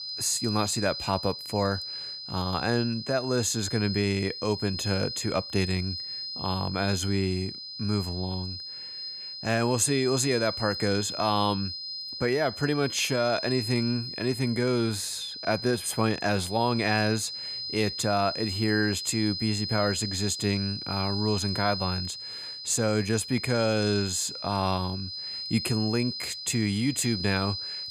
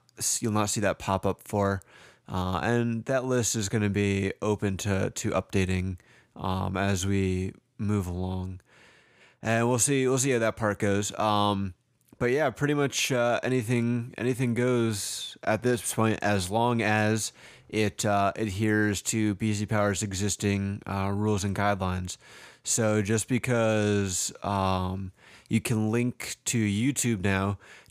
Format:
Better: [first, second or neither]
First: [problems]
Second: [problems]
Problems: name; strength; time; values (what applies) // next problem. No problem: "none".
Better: second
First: high-pitched whine; loud; throughout; 5 kHz, 6 dB below the speech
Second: none